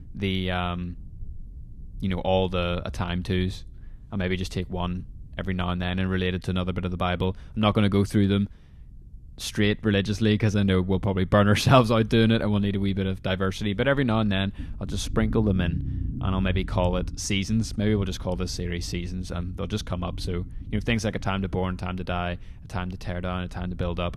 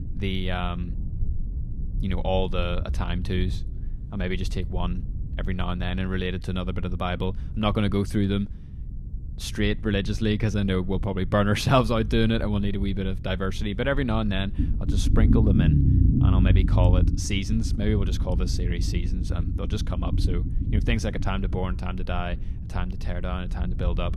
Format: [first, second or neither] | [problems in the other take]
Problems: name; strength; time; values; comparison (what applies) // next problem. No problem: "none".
first | low rumble; loud; throughout; 10 dB below the speech; faint in the first